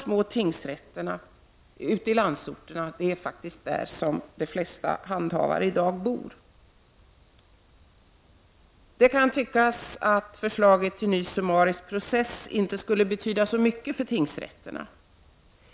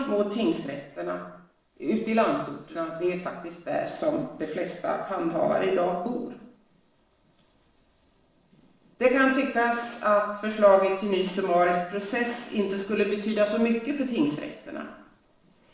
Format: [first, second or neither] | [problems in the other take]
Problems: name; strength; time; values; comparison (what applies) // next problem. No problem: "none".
first | noise reduction (neural separator model SepFormer DNS4)